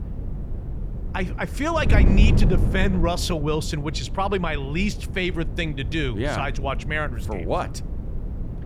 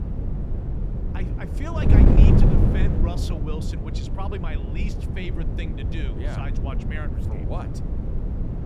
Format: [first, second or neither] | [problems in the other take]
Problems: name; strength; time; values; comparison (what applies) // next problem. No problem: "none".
first | wind noise on the microphone; heavy; 3 dB above the speech; occasional gusts in the first